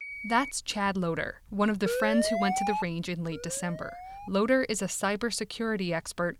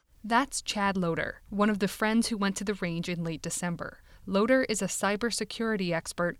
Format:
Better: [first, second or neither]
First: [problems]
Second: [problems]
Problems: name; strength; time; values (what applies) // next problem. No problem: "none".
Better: second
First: phone ringing; noticeable; at the start; peak 7 dB below the speech // siren; loud; at 2 s; peak level with the speech // siren; faint; at 3.5 s; peak 15 dB below the speech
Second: none